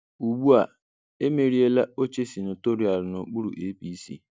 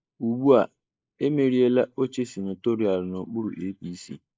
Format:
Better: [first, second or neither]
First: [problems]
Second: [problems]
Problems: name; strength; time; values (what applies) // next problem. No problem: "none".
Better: first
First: none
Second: noise reduction (neural mask model Resemble Enhance denoiser)